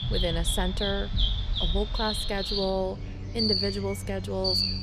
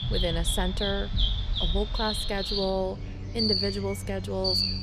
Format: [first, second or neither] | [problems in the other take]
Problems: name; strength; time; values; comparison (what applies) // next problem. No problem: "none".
neither | animal sounds; very loud; throughout; 2 dB above the speech; the same in both